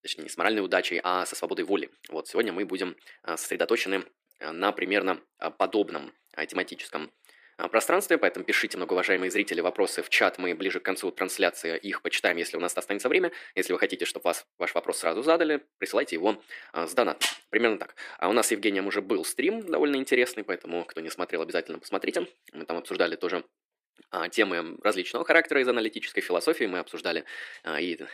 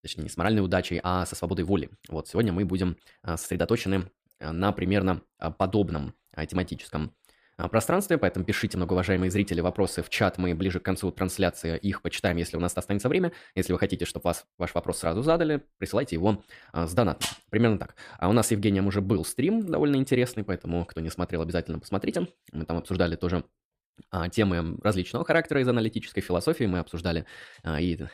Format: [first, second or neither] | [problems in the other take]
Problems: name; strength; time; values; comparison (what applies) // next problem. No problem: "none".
second | thin; somewhat; fading below 350 Hz